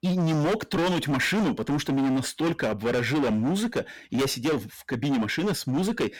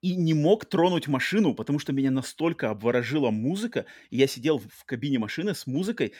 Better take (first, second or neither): second